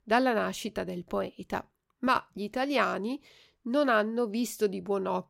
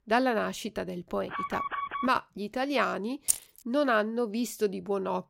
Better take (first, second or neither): first